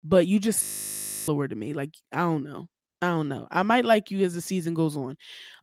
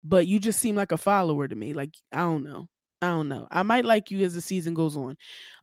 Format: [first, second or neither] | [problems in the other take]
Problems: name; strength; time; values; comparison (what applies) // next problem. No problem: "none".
second | audio freezing; at 0.5 s for 0.5 s